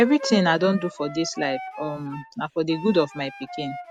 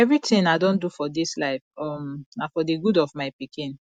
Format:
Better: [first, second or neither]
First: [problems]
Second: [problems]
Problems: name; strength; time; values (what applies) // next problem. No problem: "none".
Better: second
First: background sound (Wind instrument, woodwind instrument); 12 dB below the speech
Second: none